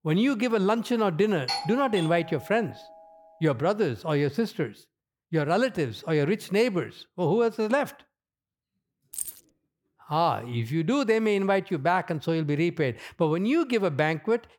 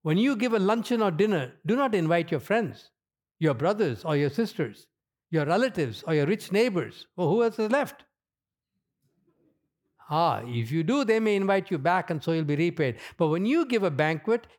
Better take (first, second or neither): second